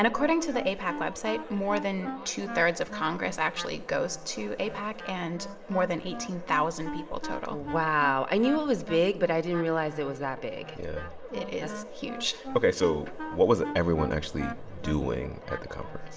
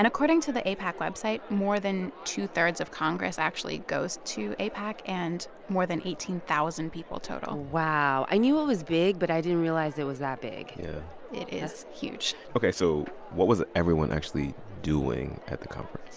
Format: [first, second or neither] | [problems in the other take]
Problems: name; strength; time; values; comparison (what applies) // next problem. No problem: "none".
second | background sound (Wind instrument, woodwind instrument); 12 dB below the speech // room echo; dies away in 1.1 s